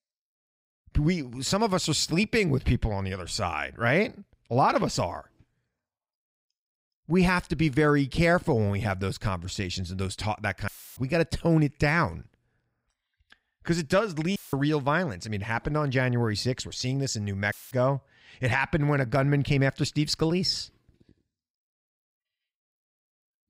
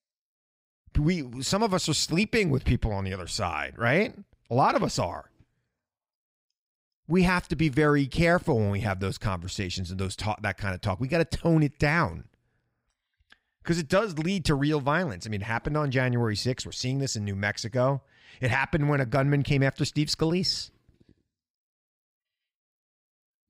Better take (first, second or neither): second